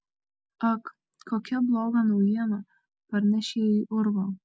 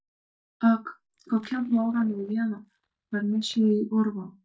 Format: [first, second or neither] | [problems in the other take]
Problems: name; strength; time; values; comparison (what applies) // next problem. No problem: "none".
first | noise reduction (neural mask model DeepFilterNet 3)